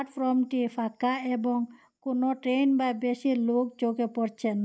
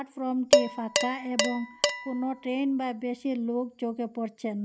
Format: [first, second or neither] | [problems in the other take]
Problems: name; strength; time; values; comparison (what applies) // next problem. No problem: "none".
first | background sound (Dishes, pots, and pans); 1 dB above the speech